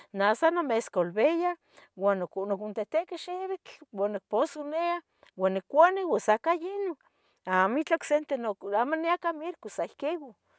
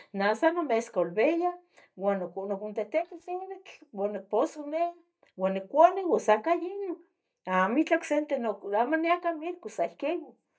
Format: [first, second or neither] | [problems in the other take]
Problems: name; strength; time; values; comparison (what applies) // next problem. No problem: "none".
first | noise reduction (neural mask model DeepFilterNet 3)